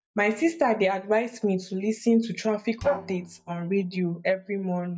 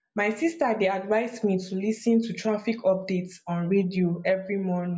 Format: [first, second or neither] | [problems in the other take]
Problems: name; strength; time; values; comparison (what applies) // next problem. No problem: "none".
second | noise reduction (neural mask model DeepFilterNet 3)